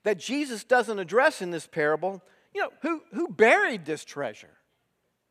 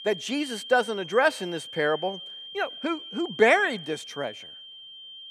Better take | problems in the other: first | high-pitched whine; noticeable; throughout; 3 kHz, 10 dB below the speech

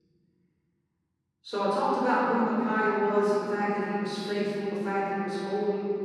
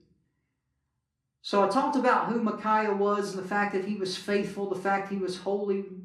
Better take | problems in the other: second | room echo; strong; dies away in 2.9 s; slight in the second // off-mic speech; far; far in the second

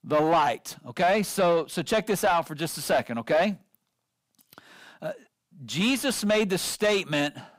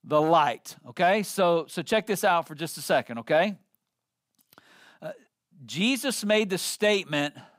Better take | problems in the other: second | distortion; slight; 10 dB below the speech

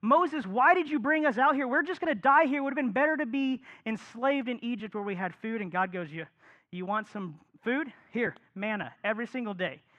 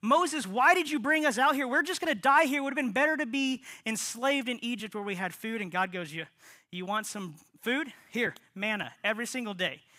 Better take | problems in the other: second | muffled; very; fading above 1.5 kHz

